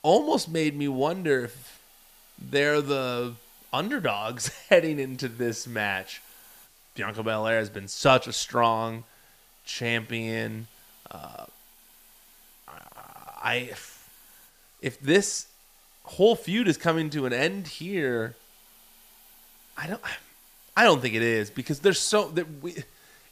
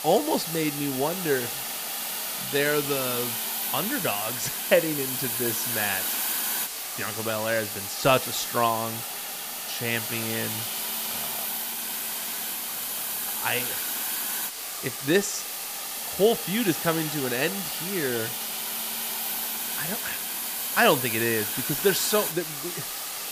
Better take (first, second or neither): first